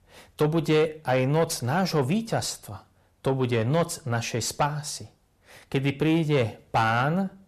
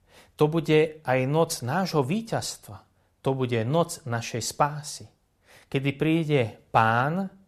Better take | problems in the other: second | distortion; slight; 10 dB below the speech

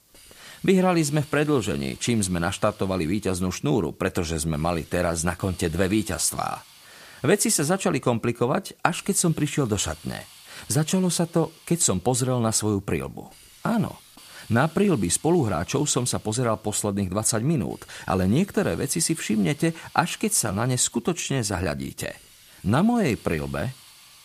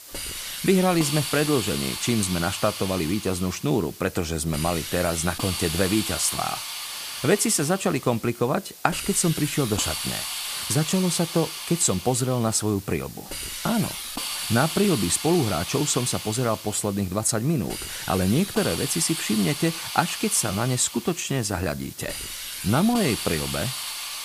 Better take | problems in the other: first | hiss; loud; throughout; 6 dB below the speech; faint in the first

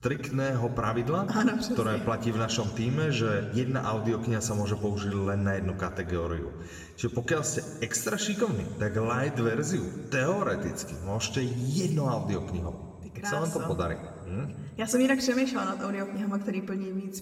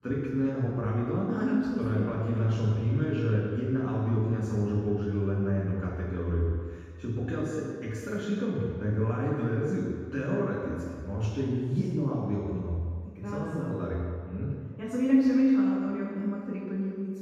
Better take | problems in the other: first | room echo; strong; dies away in 1.8 s; slight in the first // off-mic speech; far

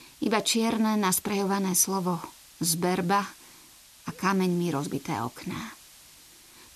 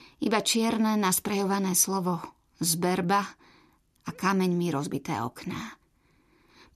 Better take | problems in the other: second | hiss; faint; throughout; 25 dB below the speech

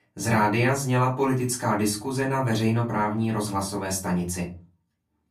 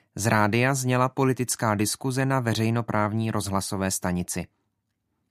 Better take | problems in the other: second | off-mic speech; far // room echo; very slight; dies away in 0.3 s

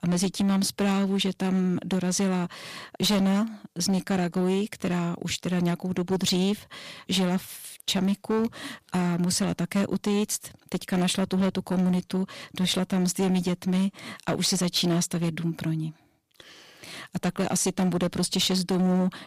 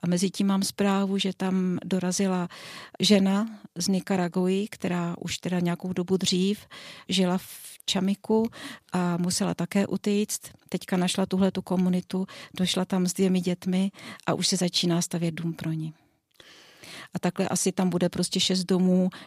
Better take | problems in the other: second | distortion; slight; 11% of the sound clipped

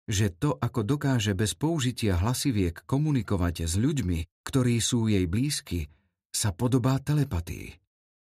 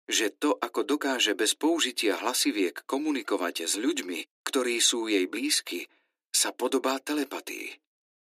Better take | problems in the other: first | thin; somewhat; fading below 300 Hz

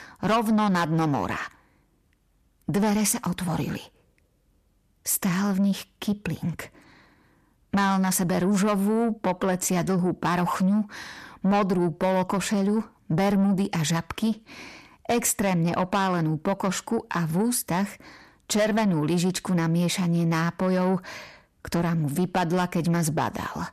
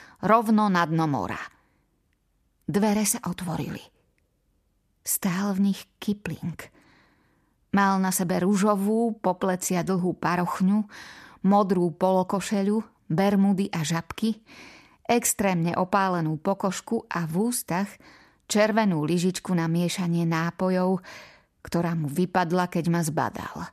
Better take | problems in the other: second | distortion; slight; 10 dB below the speech

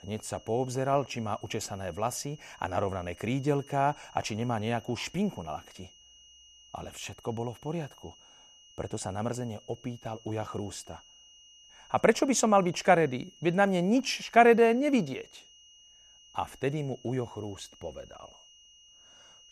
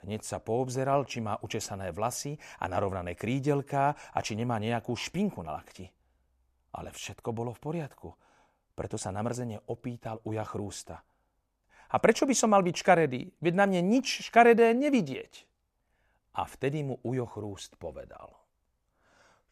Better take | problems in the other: second | high-pitched whine; faint; throughout; 3 kHz, 25 dB below the speech

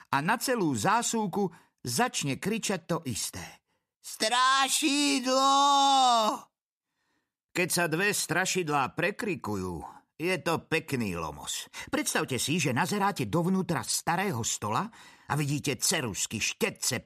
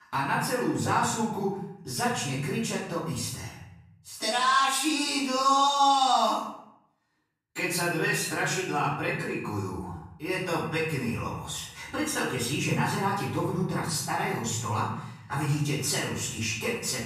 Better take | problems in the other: first | off-mic speech; far // room echo; noticeable; dies away in 0.8 s

